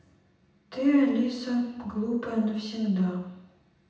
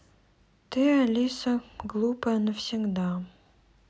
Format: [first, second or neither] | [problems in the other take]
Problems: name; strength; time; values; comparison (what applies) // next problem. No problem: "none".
second | room echo; dies away in 0.9 s